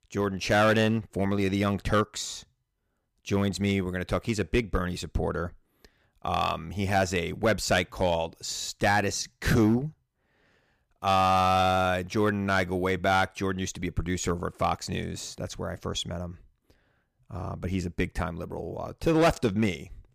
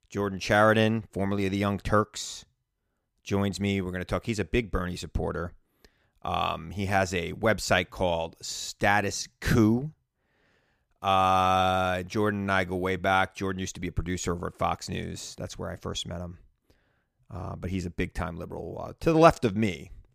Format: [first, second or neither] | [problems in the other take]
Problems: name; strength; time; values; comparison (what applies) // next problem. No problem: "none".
second | distortion; slight; 2% of the sound clipped